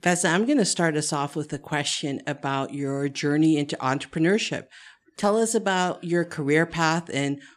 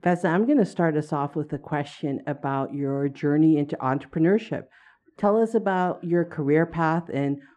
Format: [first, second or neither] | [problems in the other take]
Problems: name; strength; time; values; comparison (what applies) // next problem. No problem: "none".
first | muffled; very; fading above 2.5 kHz